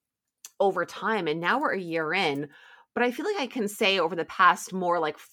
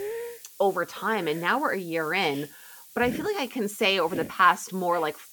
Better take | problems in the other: first | hiss; noticeable; throughout; 15 dB below the speech

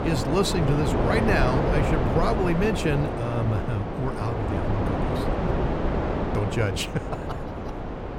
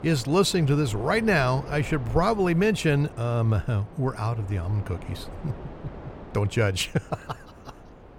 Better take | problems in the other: second | wind noise on the microphone; heavy; as loud as the speech; occasional gusts in the second

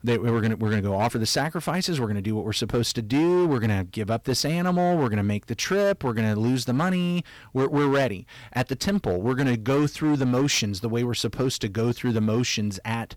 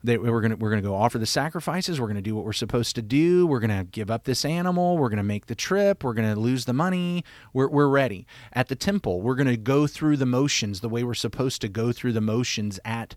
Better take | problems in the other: second | distortion; slight; 10% of the sound clipped

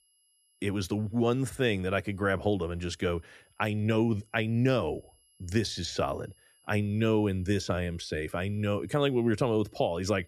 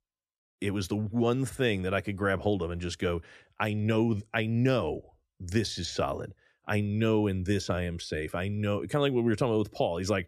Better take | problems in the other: second | high-pitched whine; faint; throughout; 11 kHz, 35 dB below the speech

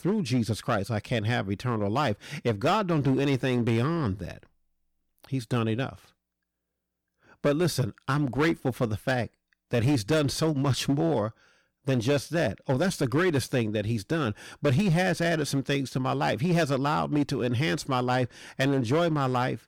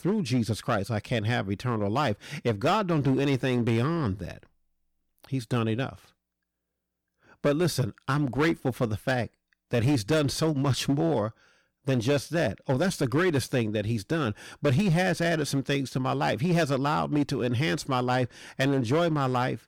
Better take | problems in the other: neither | distortion; slight; 7% of the sound clipped; the same in both

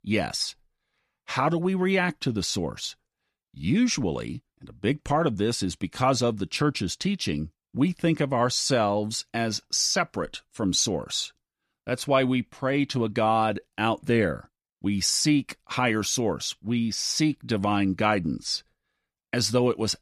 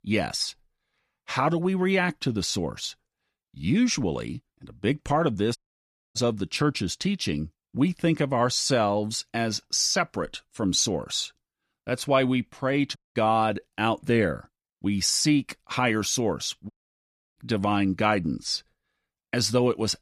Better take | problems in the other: first | audio cutting out; at 5.5 s for 0.5 s, at 13 s and at 17 s for 0.5 s

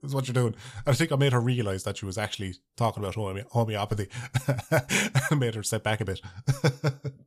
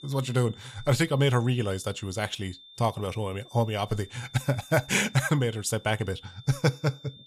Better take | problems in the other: first | high-pitched whine; faint; throughout; 3.5 kHz, 20 dB below the speech

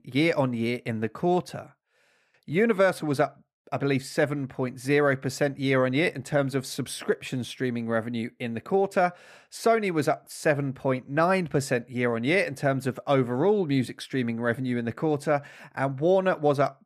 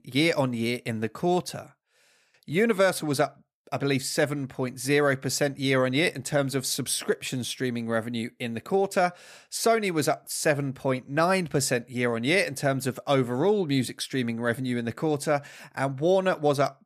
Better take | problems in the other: second | muffled; slightly; fading above 3.5 kHz

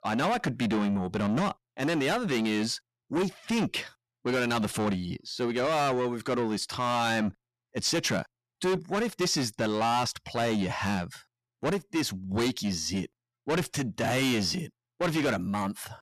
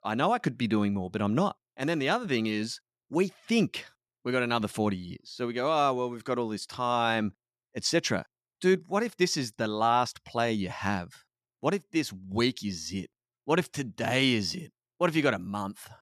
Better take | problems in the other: second | distortion; heavy; 6 dB below the speech

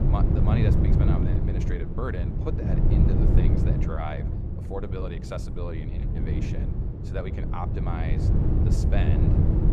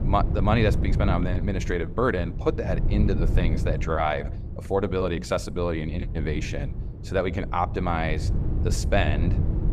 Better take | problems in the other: second | wind noise on the microphone; heavy; 1 dB above the speech; occasional gusts in the second

